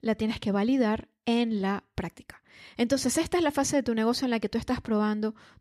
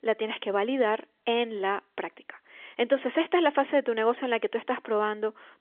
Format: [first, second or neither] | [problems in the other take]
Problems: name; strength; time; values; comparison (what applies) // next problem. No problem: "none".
first | phone-call audio; nothing above 3.5 kHz